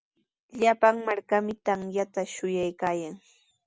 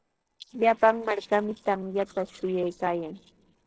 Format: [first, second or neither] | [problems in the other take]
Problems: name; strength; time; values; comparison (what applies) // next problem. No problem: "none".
first | noise reduction (neural separator model SepFormer DNS4)